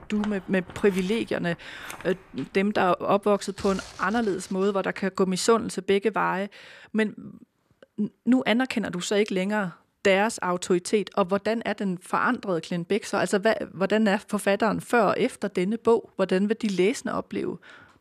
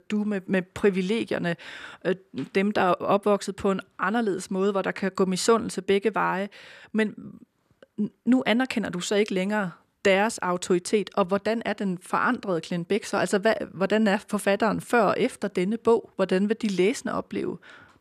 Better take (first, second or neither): second